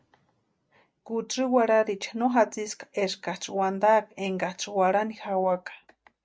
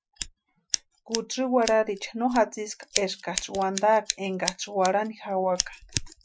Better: first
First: none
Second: noise reduction (classical method Wiener filter)

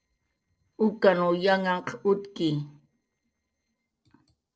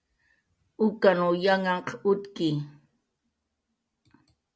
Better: second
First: noise reduction (neural separator model SepFormer DNS4)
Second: none

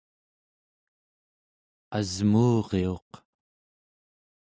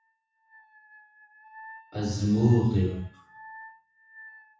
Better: first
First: none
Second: noise reduction (classical method WPE with log-MMSE)

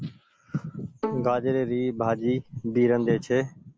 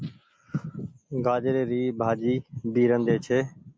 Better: second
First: background sound (Bowed string instrument); 12 dB below the speech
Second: none

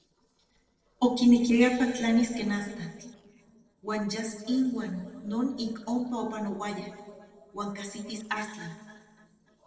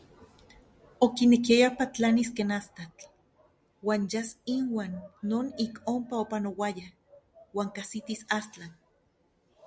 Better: second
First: noise reduction (neural separator model SepFormer DNS4)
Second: none

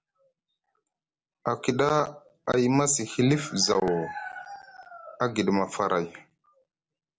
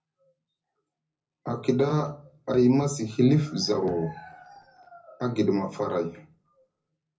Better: first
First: none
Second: room echo; dies away in 0.4 s

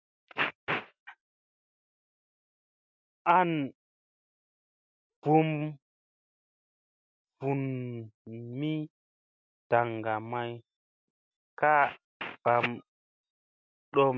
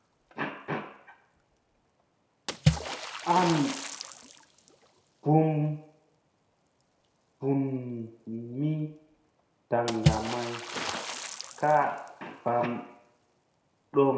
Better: first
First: none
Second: background sound (Water / Splash, splatter); 6 dB below the speech // room echo; dies away in 0.6 s

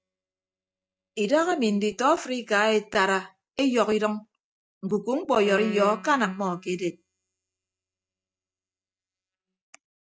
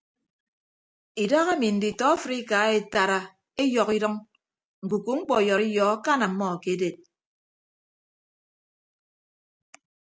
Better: second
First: noise reduction (neural mask model DeepFilterNet 3)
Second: none

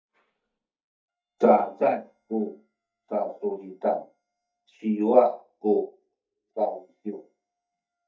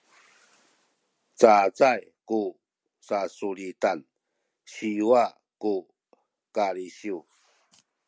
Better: second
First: noise reduction (neural mask model DeepFilterNet 3)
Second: none

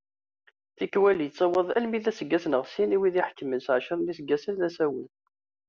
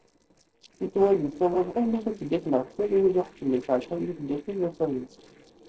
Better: first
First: none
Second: noise reduction (neural separator model SepFormer DNS4)

